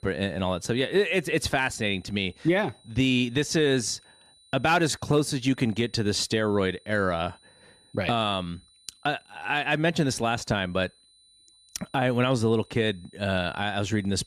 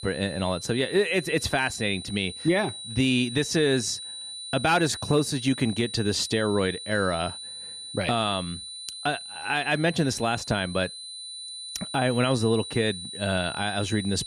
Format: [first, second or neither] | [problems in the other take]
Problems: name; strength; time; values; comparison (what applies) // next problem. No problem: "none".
first | high-pitched whine; loud; throughout; 4 kHz, 10 dB below the speech; faint in the first